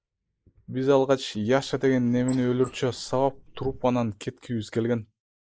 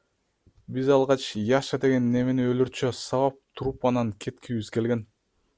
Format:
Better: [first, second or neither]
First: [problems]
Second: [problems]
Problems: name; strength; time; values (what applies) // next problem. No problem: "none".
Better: second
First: noise reduction (neural mask model Resemble Enhance denoiser)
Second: none